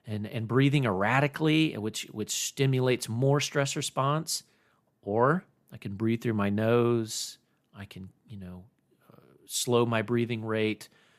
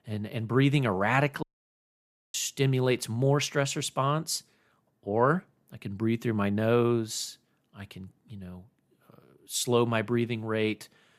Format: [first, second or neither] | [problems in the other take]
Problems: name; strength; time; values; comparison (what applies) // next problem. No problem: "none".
first | audio cutting out; at 1.5 s for 1 s